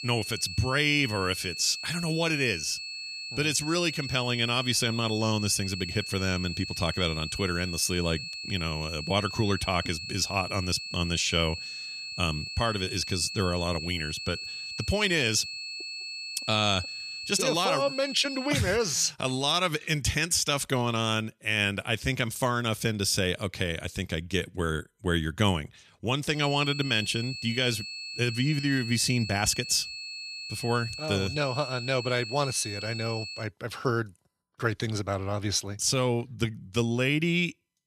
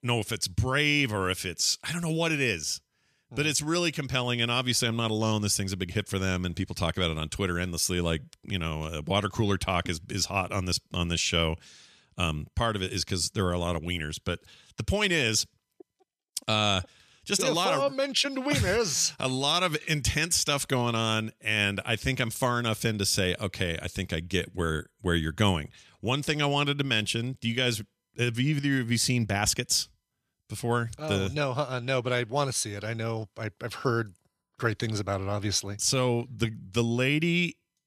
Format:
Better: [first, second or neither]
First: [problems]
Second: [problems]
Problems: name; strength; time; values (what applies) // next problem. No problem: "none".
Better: second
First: high-pitched whine; loud; until 18 s and from 26 to 33 s; 4.5 kHz, 7 dB below the speech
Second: none